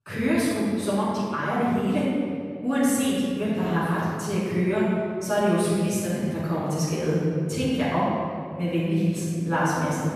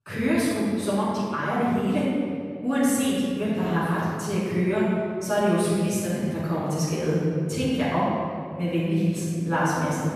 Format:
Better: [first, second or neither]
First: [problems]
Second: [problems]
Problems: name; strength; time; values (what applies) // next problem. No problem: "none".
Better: neither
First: room echo; strong; dies away in 2.3 s // off-mic speech; far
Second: room echo; strong; dies away in 2.3 s // off-mic speech; far